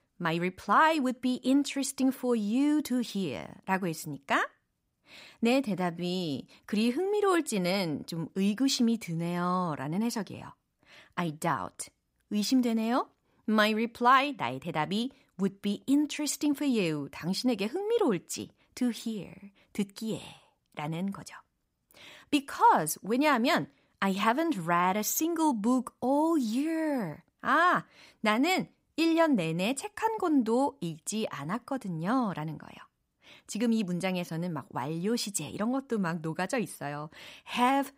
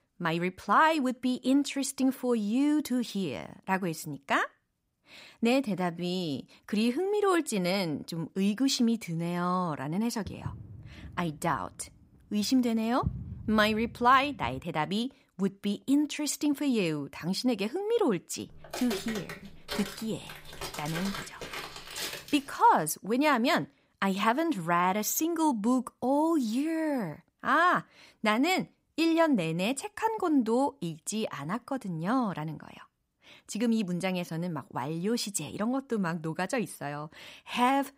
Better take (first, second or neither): first